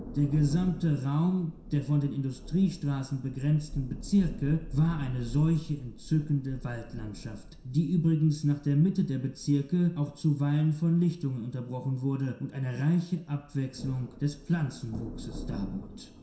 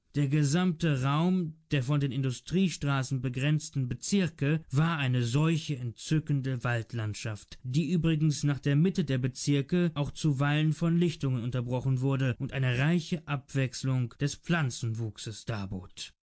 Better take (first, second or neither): second